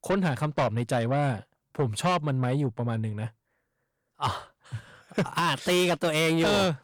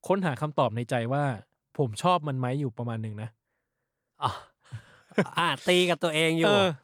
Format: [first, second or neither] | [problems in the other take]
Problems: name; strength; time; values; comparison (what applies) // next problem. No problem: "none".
second | distortion; heavy; 8 dB below the speech